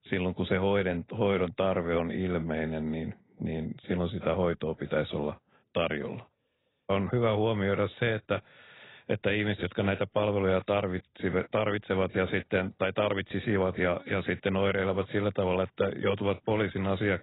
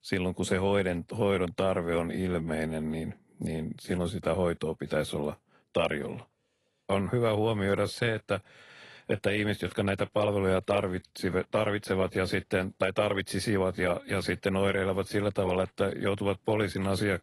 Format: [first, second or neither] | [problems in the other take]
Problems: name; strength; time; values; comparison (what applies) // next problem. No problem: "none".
second | garbled, watery; badly; nothing above 4 kHz; slightly in the second